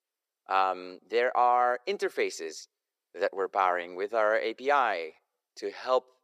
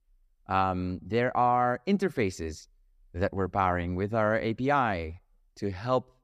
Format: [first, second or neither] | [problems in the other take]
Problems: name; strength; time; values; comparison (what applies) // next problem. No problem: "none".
second | thin; very; fading below 400 Hz